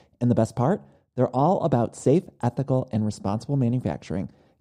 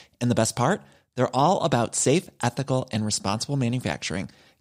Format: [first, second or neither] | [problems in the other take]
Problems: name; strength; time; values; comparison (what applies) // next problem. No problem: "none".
second | muffled; very; fading above 1 kHz